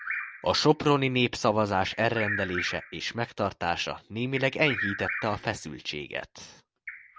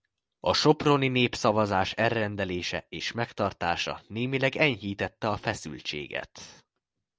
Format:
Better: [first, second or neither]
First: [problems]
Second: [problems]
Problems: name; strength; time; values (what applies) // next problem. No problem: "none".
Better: second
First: background sound (Bird vocalization, bird call, bird song); 10 dB below the speech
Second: none